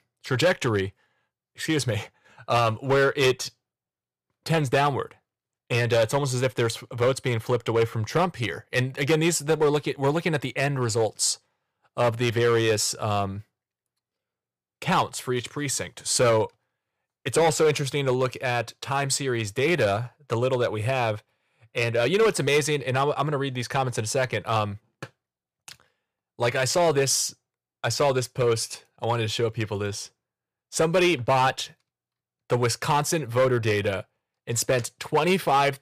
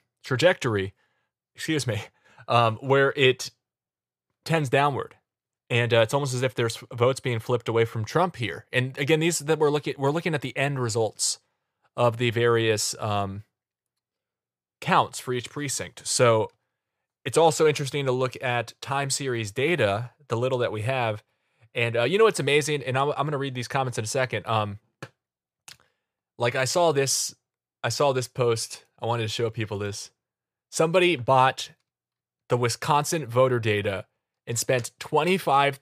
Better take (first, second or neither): second